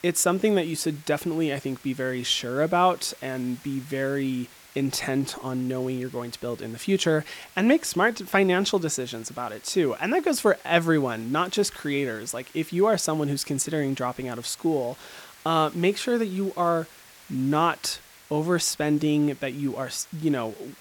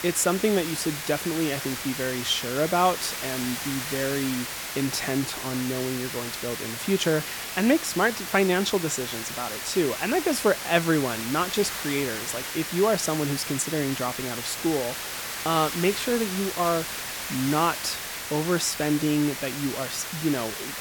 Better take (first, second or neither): first